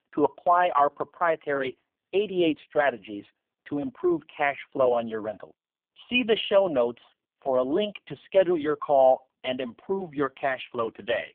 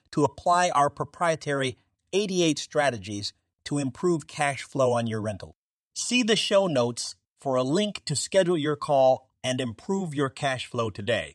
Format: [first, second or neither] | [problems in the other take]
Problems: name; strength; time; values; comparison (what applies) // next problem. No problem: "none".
second | phone-call audio; poor line; nothing above 3.5 kHz